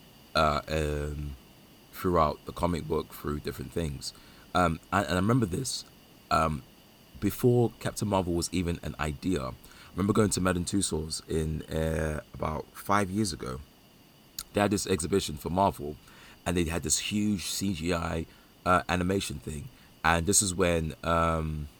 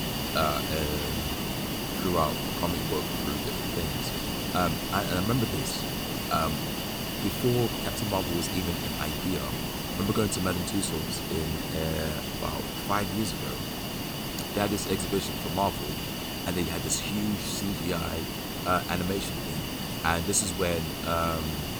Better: first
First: hiss; faint; throughout; 25 dB below the speech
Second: hiss; loud; throughout; 1 dB below the speech

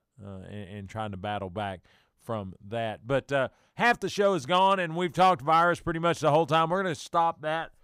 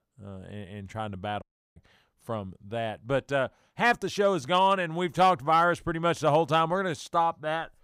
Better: first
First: none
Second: audio cutting out; at 1.5 s

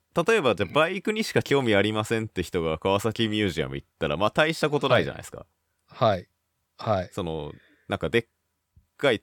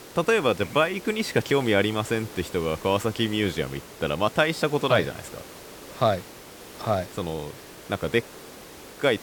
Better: first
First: none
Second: hiss; noticeable; throughout; 15 dB below the speech

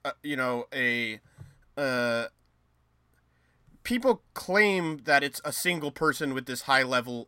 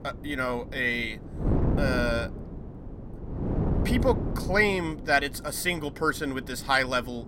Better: first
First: none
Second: wind noise on the microphone; occasional gusts; 15 dB below the speech

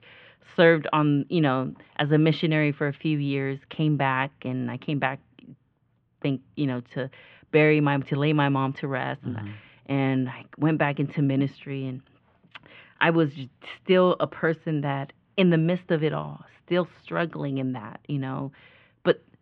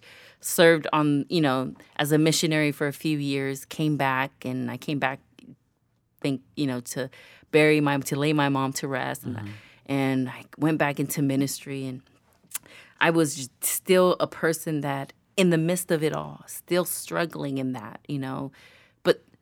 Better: second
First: muffled; very; fading above 3 kHz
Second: none

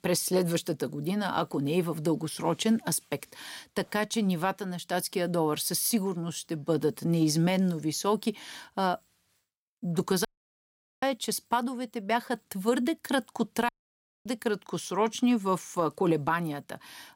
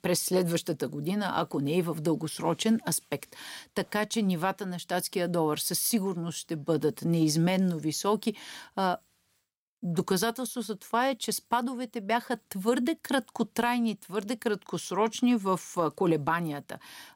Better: second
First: audio cutting out; at 10 s for 1 s and at 14 s for 0.5 s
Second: none

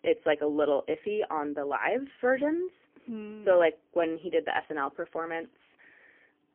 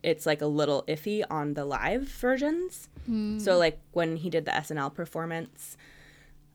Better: second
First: phone-call audio; poor line; nothing above 3 kHz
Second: none

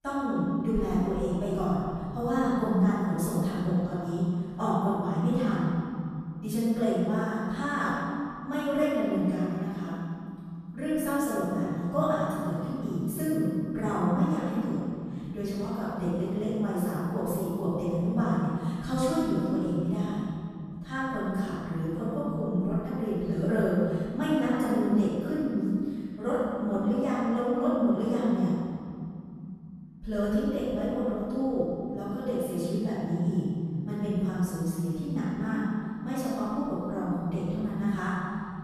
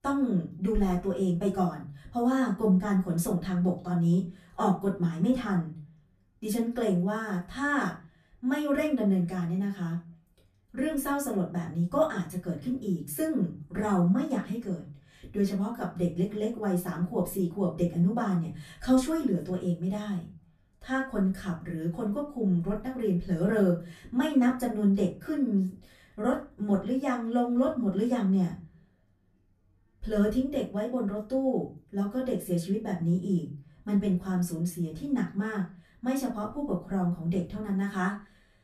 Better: second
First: room echo; strong; dies away in 3 s // off-mic speech; far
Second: room echo; slight; dies away in 0.3 s // off-mic speech; far

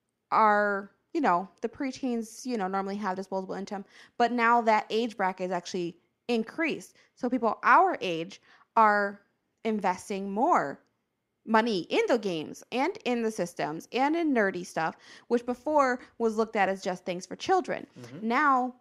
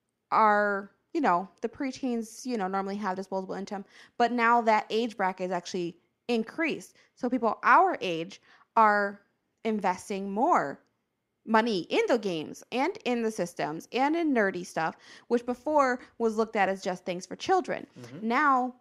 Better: neither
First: none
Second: none

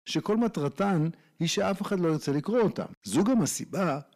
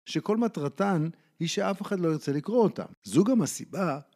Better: second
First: distortion; slight; 10 dB below the speech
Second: none

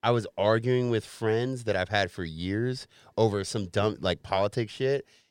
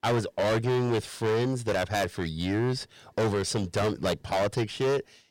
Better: first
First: none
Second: distortion; heavy; 17% of the sound clipped

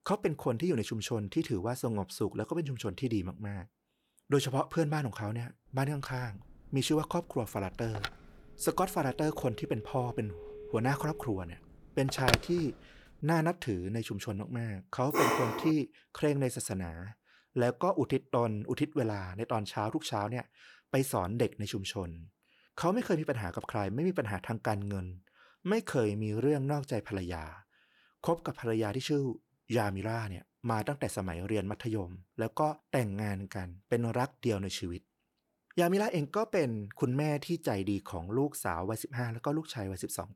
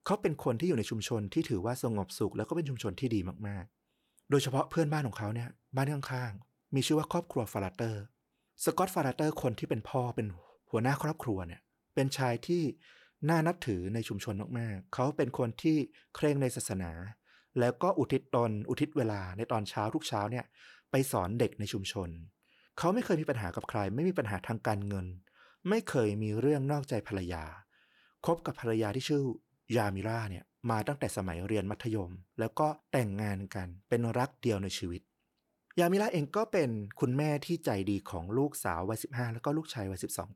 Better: second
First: phone ringing; loud; from 8 to 12 s; peak 4 dB above the speech // dog barking; loud; at 15 s; peak 5 dB above the speech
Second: none

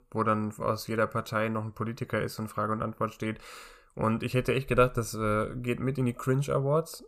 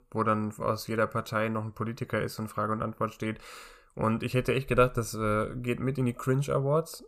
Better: neither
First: none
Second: none

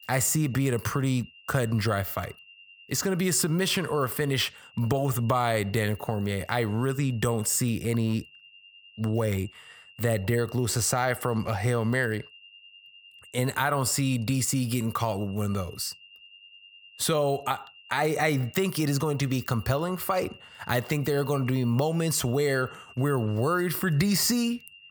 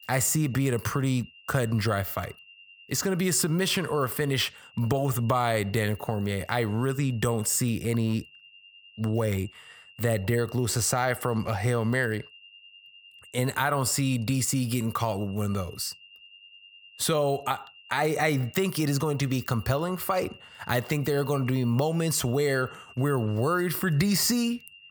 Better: neither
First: high-pitched whine; faint; throughout; 3 kHz, 20 dB below the speech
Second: high-pitched whine; faint; throughout; 3 kHz, 20 dB below the speech

